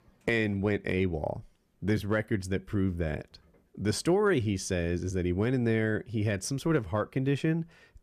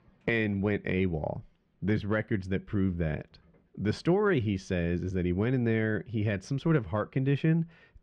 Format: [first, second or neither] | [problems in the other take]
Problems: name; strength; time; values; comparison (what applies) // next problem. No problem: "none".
first | muffled; slightly; fading above 3 kHz